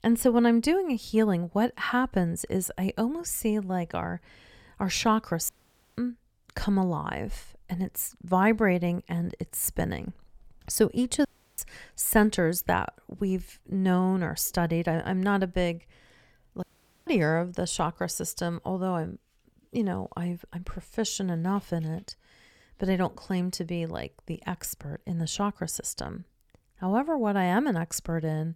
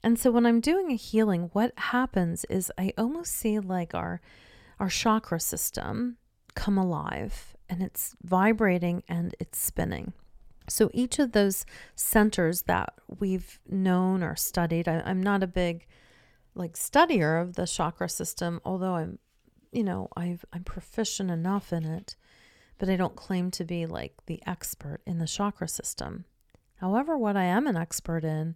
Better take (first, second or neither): second